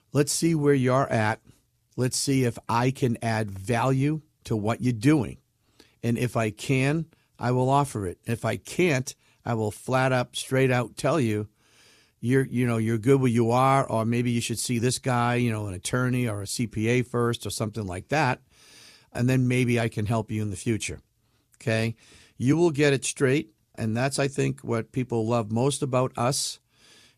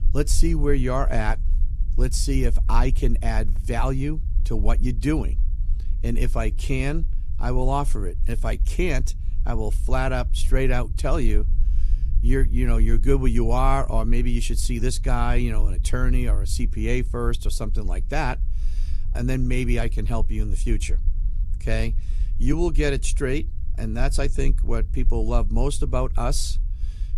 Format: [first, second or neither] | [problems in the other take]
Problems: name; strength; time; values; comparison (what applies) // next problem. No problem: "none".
first | low rumble; faint; throughout; 20 dB below the speech